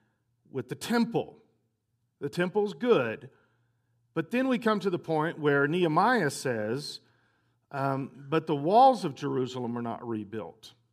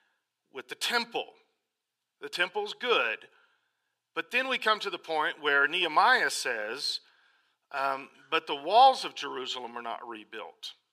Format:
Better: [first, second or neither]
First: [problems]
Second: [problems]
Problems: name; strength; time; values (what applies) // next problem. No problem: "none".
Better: first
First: none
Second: thin; very; fading below 650 Hz